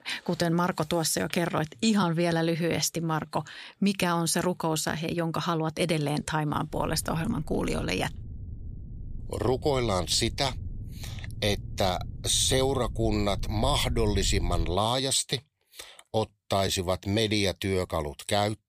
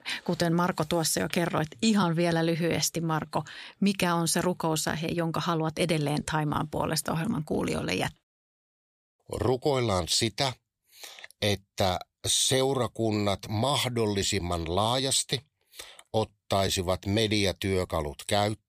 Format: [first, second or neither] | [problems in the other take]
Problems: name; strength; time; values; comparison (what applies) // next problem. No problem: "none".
second | low rumble; faint; from 6.5 to 15 s; 25 dB below the speech